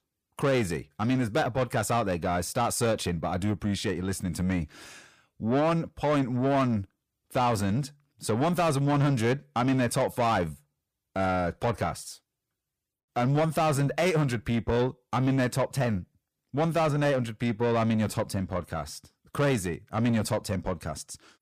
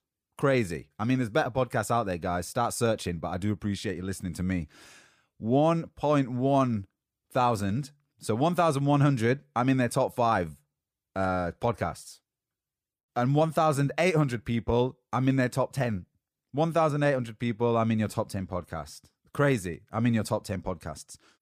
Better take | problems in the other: second | distortion; slight; 10 dB below the speech

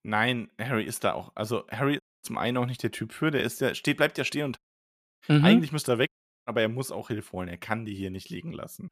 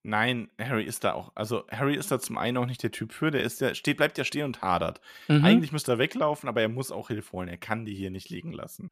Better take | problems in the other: second | audio cutting out; at 2 s, at 4.5 s for 0.5 s and at 6 s

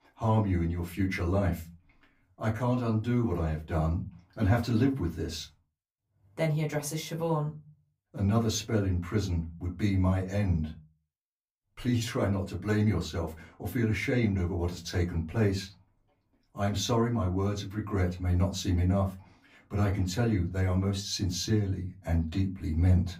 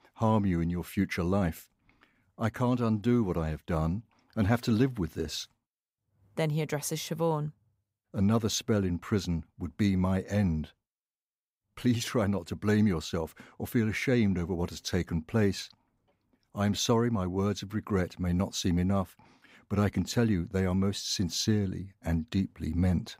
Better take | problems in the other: second | off-mic speech; far // room echo; very slight; dies away in 0.2 s

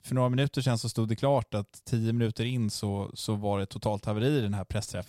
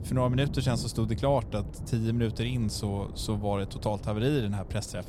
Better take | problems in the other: first | wind noise on the microphone; occasional gusts; 15 dB below the speech

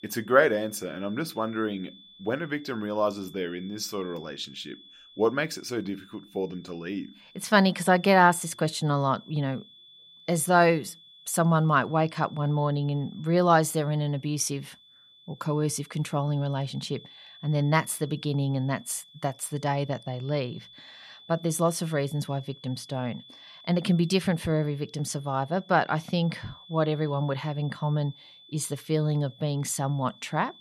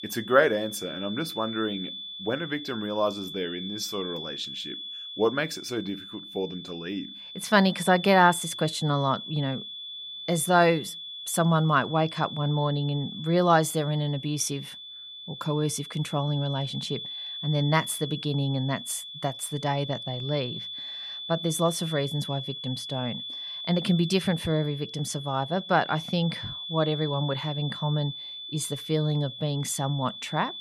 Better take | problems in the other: first | high-pitched whine; loud; throughout; 3.5 kHz, 9 dB below the speech; faint in the first

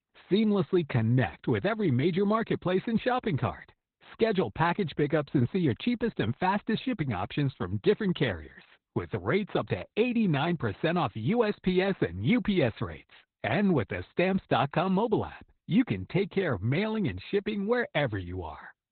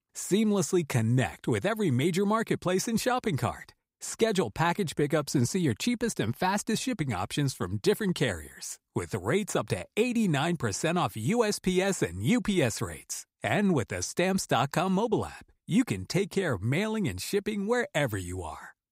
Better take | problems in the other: second | garbled, watery; badly; nothing above 4 kHz

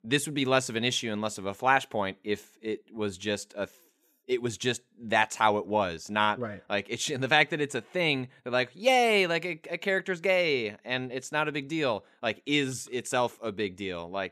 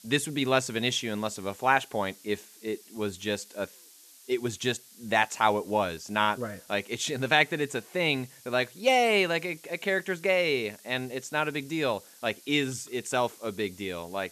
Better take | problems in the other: first | hiss; faint; throughout; 20 dB below the speech

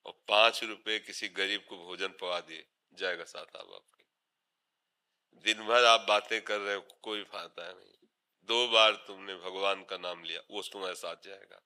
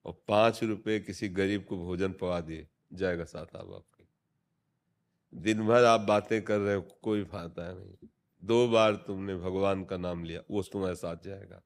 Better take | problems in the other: second | thin; very; fading below 750 Hz

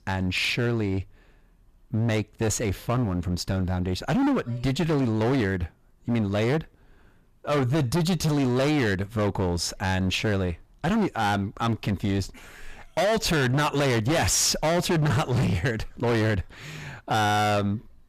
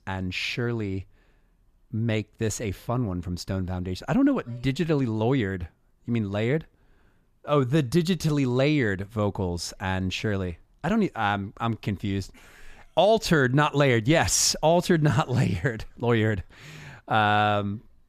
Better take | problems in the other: second | distortion; heavy; 20% of the sound clipped

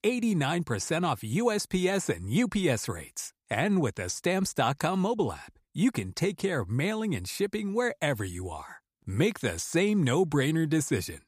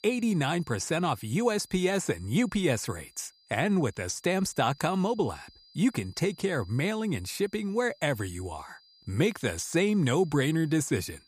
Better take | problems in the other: first | high-pitched whine; faint; throughout; 5 kHz, 30 dB below the speech

